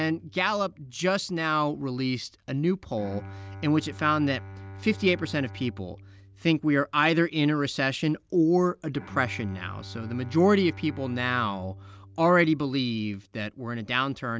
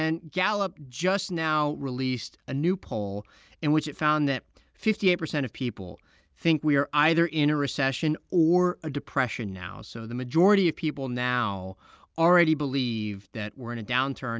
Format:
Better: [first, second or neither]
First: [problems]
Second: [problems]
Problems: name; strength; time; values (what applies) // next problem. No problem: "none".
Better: second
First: background sound (Bowed string instrument); 18 dB below the speech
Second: none